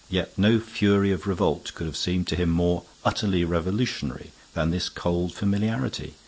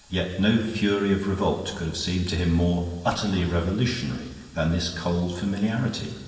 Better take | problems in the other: first | room echo; dies away in 1.4 s

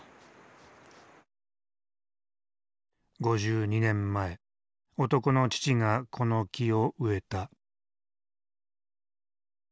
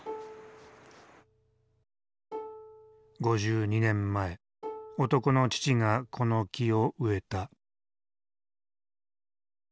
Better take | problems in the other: first | background sound (Plucked string instrument); 15 dB below the speech

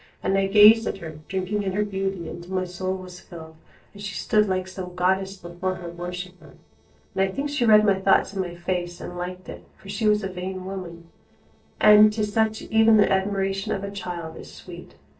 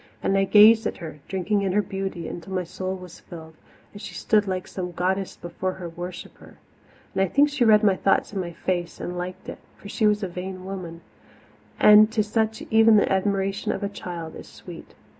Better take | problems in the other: second | noise reduction (neural separator model SepFormer DNS4)

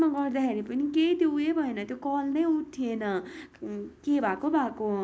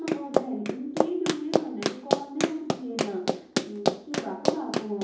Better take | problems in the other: first | background sound (Run); 4 dB above the speech // room echo; dies away in 2.8 s

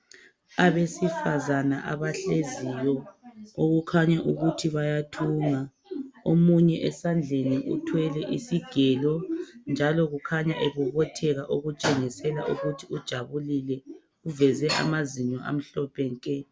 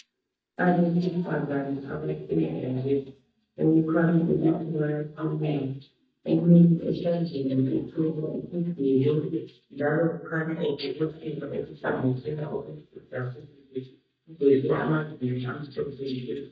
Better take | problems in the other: first | noise reduction (neural mask model DeepFilterNet 3)

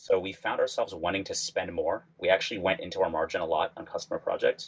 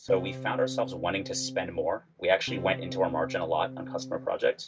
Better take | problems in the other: first | background sound (Electric guitar / Strum); 9 dB below the speech

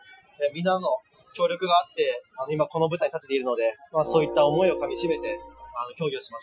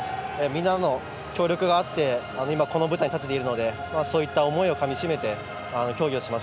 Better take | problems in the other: second | noise reduction (classical method Wiener filter)

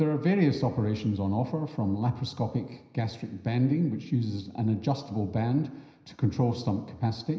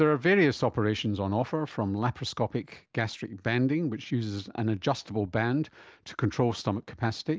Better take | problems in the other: second | room echo; dies away in 0.9 s

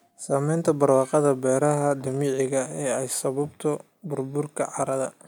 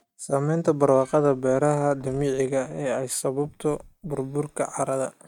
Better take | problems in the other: first | noise reduction (neural mask model RNNoise)

